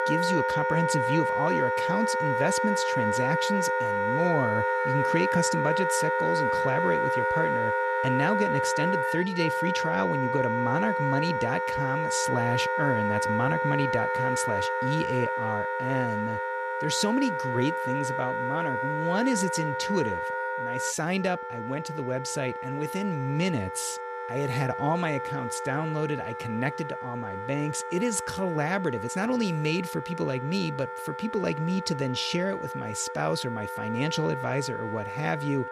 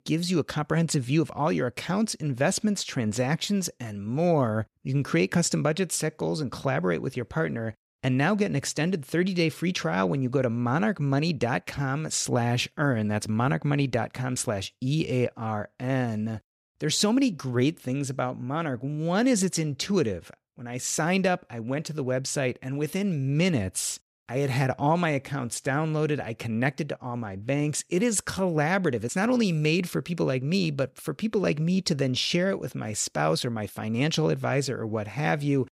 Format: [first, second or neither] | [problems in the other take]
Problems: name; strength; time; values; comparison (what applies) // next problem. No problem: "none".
second | background music; very loud; throughout; 1 dB above the speech